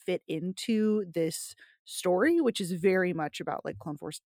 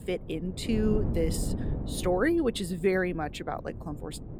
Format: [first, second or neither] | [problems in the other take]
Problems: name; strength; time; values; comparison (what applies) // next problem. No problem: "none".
first | wind noise on the microphone; occasional gusts; 10 dB below the speech